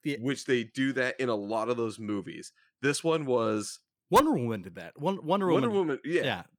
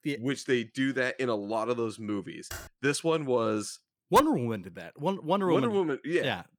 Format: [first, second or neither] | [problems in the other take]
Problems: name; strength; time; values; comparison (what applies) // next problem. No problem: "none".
first | keyboard typing; faint; at 2.5 s; peak 15 dB below the speech